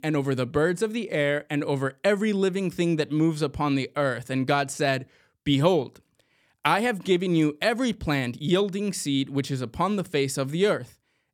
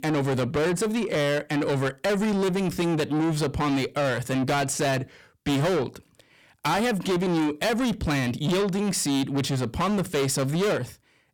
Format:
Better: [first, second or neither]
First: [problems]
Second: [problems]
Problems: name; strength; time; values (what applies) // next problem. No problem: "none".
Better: first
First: none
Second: distortion; heavy; 6 dB below the speech